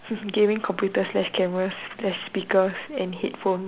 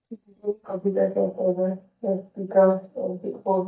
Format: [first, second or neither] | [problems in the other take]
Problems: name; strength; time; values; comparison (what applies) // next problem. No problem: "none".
first | noise reduction (neural mask model DeepFilterNet 3)